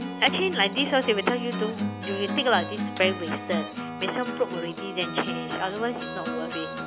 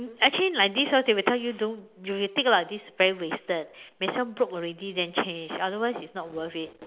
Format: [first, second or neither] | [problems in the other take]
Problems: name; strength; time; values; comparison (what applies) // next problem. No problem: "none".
second | background sound (Acoustic guitar); 5 dB below the speech